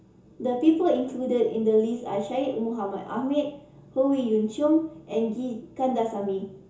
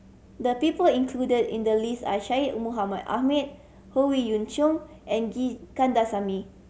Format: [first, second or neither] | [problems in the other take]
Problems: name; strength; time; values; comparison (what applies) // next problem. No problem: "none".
second | room echo; dies away in 0.7 s